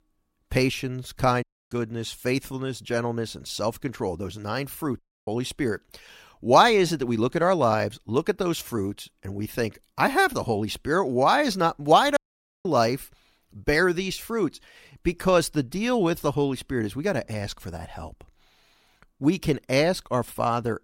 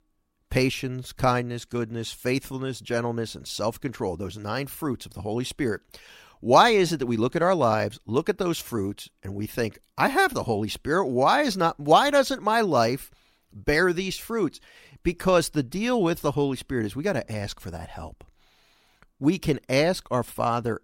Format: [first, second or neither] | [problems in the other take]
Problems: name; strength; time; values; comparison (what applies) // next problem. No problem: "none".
second | audio cutting out; at 1.5 s, at 5 s and at 12 s